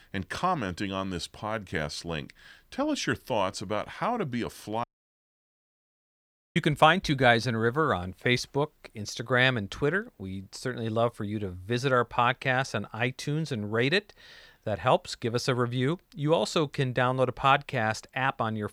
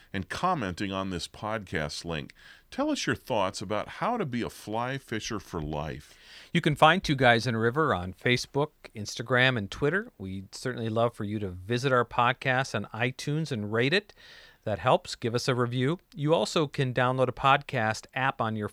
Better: second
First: audio cutting out; at 5 s for 1.5 s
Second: none

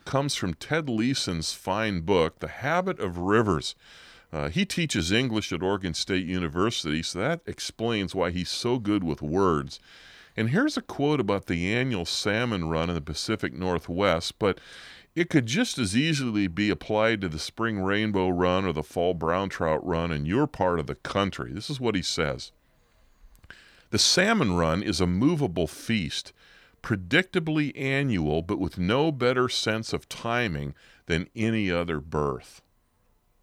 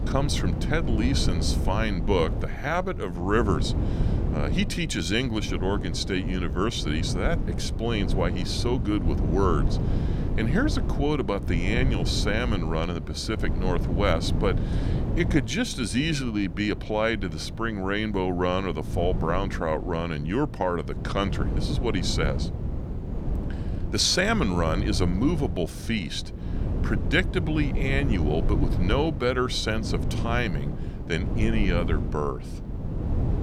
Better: first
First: none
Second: wind noise on the microphone; occasional gusts; 10 dB below the speech

